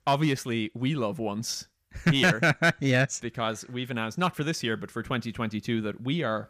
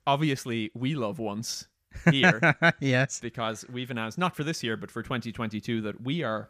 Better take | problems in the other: second | distortion; slight; 1.7% of the sound clipped

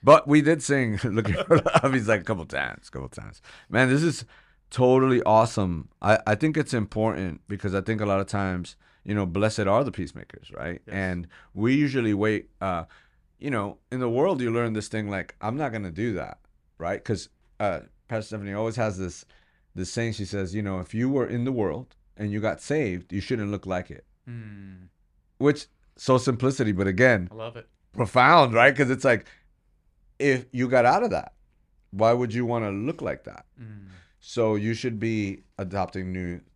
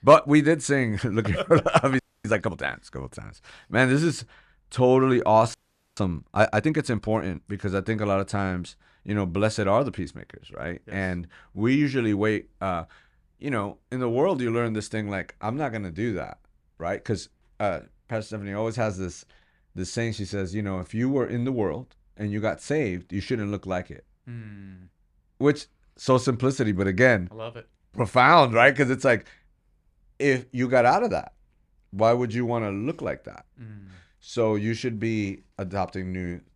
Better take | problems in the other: first | audio freezing; at 2 s and at 5.5 s

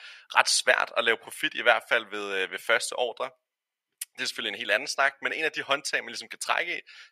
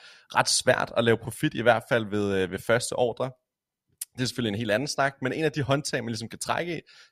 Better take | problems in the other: second | thin; very; fading below 550 Hz

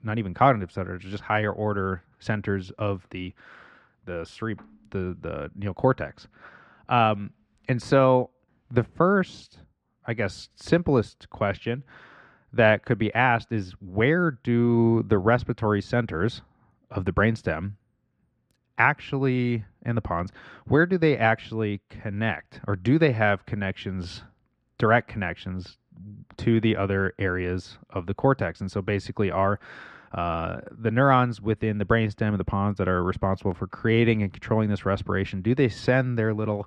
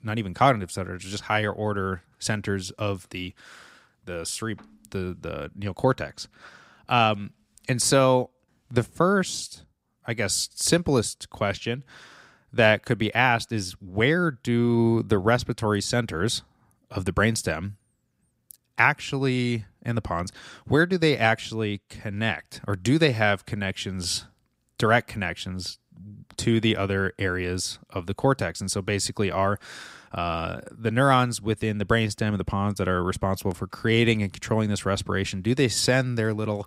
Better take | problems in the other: second | muffled; very; fading above 2 kHz

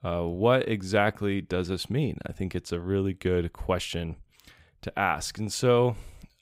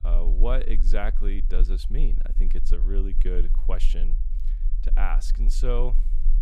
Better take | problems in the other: first | low rumble; noticeable; throughout; 15 dB below the speech

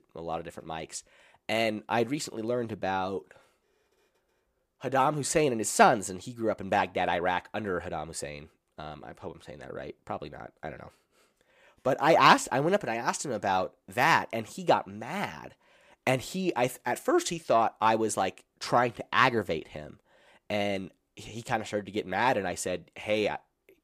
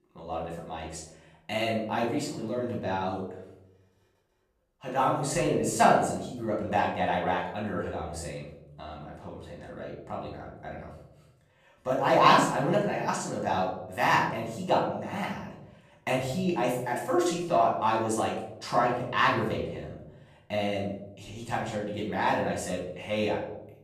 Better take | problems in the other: first | off-mic speech; far // room echo; noticeable; dies away in 0.9 s

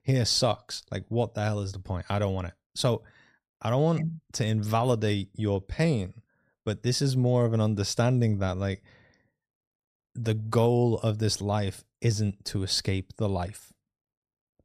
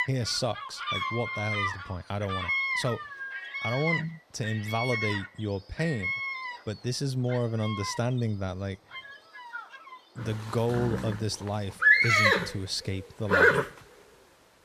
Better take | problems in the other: first | animal sounds; very loud; throughout; 5 dB above the speech

